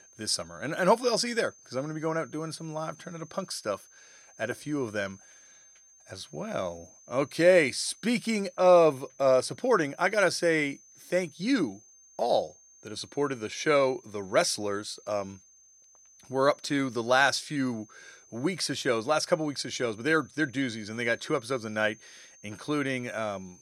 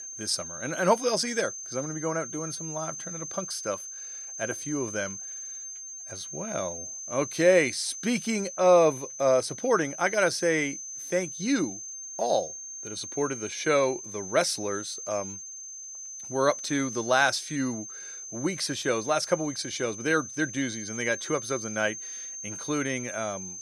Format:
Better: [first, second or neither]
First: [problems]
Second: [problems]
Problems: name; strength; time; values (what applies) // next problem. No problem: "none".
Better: first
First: high-pitched whine; faint; throughout; 6.5 kHz, 25 dB below the speech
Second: high-pitched whine; loud; throughout; 6.5 kHz, 9 dB below the speech